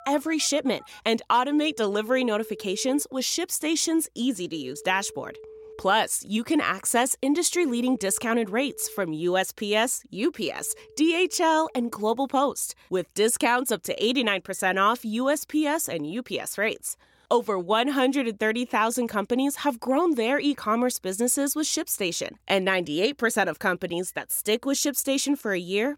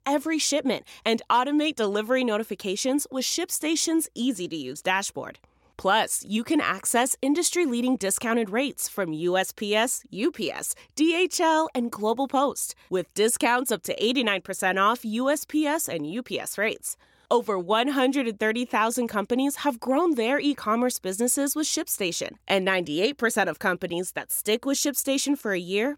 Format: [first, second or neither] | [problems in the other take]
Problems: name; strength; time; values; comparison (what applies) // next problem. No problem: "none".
second | alarms or sirens; faint; throughout; 20 dB below the speech